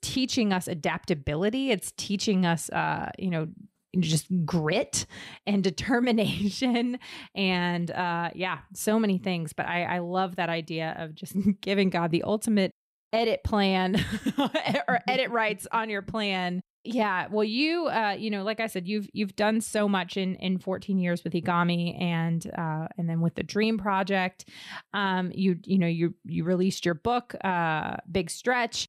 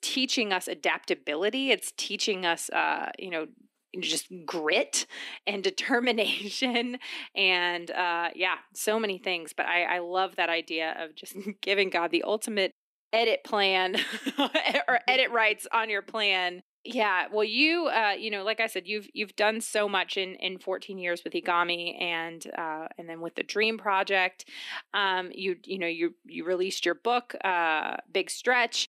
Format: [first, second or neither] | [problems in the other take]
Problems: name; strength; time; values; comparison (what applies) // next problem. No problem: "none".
first | thin; somewhat; fading below 250 Hz